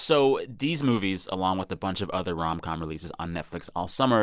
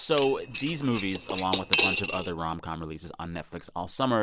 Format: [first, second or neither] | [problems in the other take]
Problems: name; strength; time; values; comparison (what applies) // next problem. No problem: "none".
first | background sound (Cutlery, silverware / Dishes, pots, and pans); 2 dB below the speech